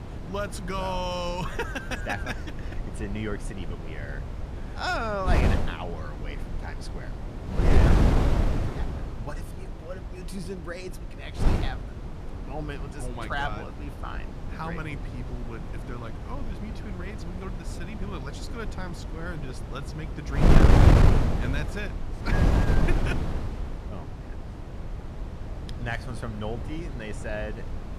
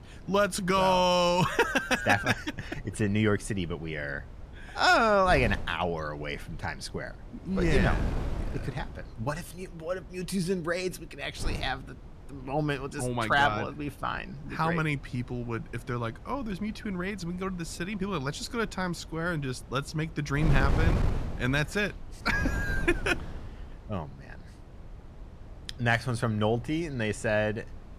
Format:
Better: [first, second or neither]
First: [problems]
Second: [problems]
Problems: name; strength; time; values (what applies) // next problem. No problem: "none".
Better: second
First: wind noise on the microphone; heavy; 1 dB below the speech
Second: wind noise on the microphone; occasional gusts; 20 dB below the speech